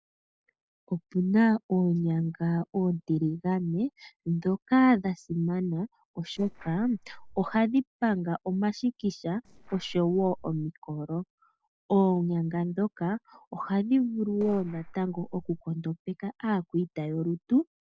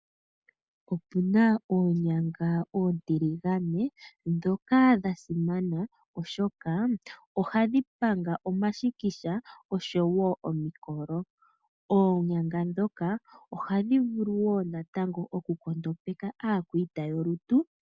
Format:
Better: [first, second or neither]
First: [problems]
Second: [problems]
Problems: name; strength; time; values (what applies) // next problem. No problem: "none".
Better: second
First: noise reduction (neural separator model SepFormer DNS4)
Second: none